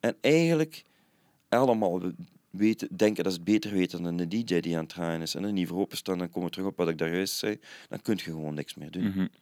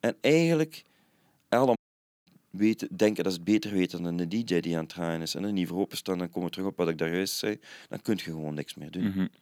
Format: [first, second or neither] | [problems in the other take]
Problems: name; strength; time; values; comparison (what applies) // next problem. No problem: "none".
first | audio cutting out; at 2 s